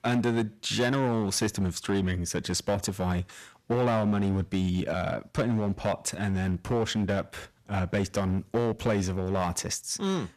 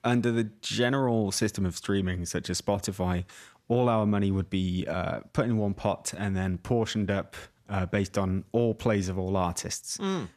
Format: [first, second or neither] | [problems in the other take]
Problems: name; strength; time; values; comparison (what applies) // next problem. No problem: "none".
second | distortion; slight; 7% of the sound clipped